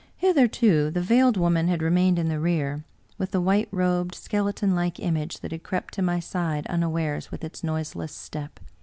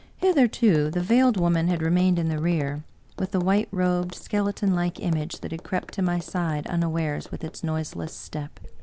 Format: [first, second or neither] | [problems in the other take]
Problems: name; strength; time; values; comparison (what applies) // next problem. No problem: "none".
first | background sound (Tap); 19 dB below the speech